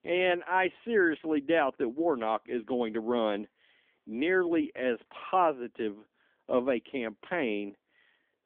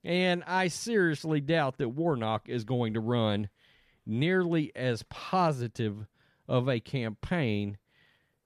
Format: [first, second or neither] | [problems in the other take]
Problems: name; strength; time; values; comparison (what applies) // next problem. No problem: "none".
second | phone-call audio; nothing above 3.5 kHz